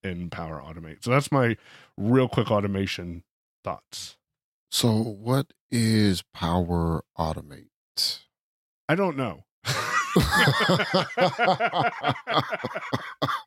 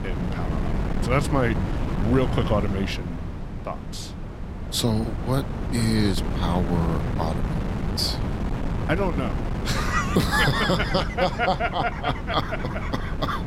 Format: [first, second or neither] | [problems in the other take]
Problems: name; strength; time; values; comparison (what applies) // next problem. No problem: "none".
first | wind noise on the microphone; heavy; 9 dB below the speech